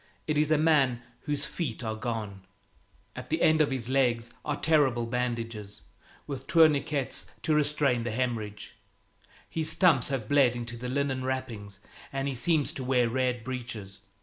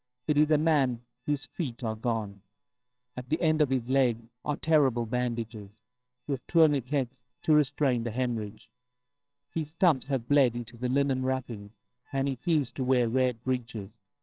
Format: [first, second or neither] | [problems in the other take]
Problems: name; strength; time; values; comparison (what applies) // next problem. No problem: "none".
first | noise reduction (neural separator model SepFormer WHAMR!)